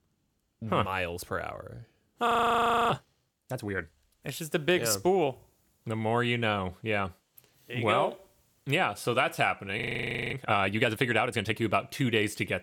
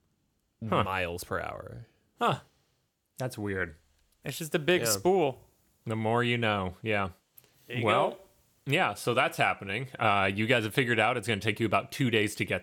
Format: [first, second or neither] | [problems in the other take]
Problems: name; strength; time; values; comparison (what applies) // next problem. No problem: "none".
second | audio freezing; at 2.5 s for 0.5 s and at 10 s for 0.5 s